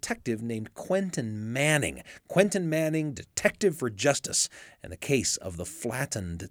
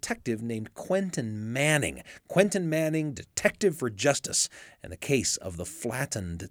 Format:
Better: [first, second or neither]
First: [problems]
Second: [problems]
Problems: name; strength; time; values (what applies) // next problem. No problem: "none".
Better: neither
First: none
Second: none